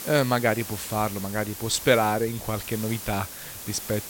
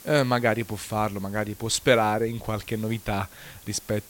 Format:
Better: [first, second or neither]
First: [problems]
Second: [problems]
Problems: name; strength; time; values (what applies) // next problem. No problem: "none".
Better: second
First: hiss; loud; throughout; 10 dB below the speech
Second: hiss; faint; throughout; 20 dB below the speech